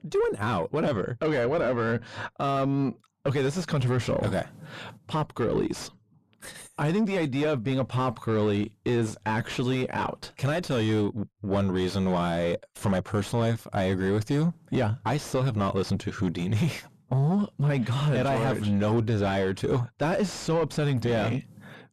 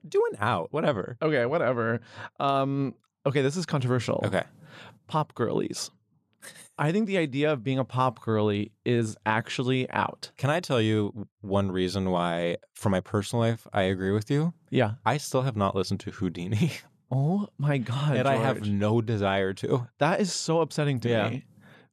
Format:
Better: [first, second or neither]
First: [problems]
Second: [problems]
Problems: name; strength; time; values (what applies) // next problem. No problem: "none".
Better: second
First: distortion; heavy; 7 dB below the speech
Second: none